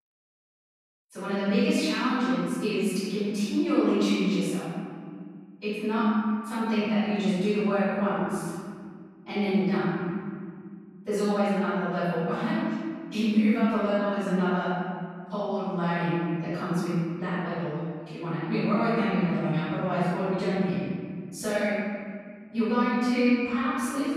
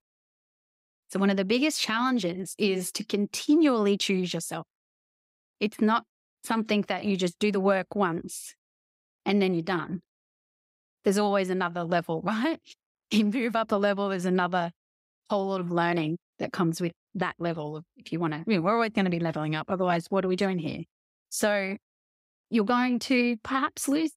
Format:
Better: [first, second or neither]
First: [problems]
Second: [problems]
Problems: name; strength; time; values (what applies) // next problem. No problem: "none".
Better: second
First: off-mic speech; far // room echo; strong; dies away in 2 s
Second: none